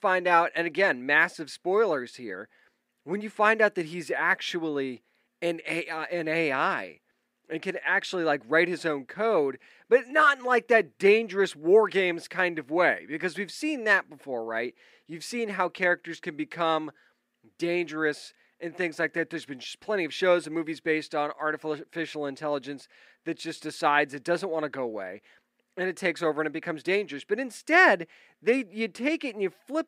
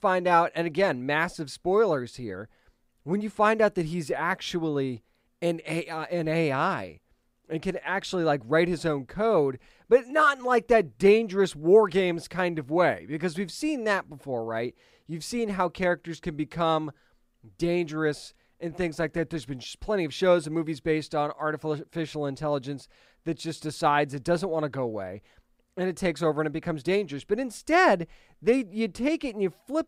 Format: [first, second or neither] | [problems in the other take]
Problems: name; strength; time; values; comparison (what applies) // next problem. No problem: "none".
second | thin; very slightly; fading below 300 Hz